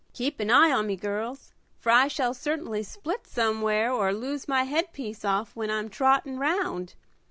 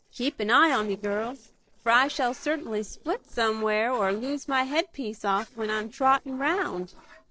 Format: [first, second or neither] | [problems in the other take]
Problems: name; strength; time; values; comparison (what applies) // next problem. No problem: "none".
first | noise reduction (neural separator model SepFormer DNS4)